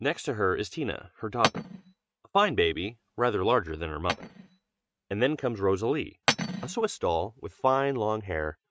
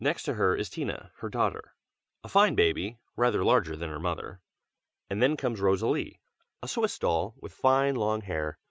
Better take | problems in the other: second | noise reduction (neural mask model RNNoise)

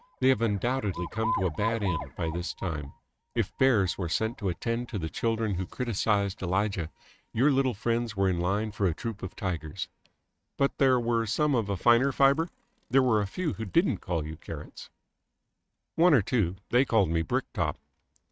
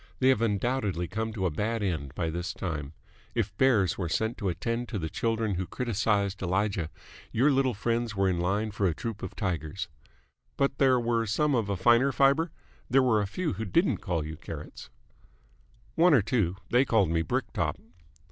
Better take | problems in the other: second | noise reduction (neural mask model RNNoise)

